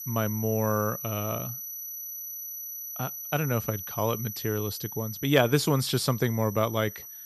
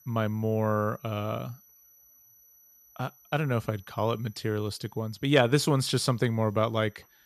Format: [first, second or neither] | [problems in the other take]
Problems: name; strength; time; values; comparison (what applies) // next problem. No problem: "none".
second | high-pitched whine; loud; throughout; 12 kHz, 8 dB below the speech; faint in the second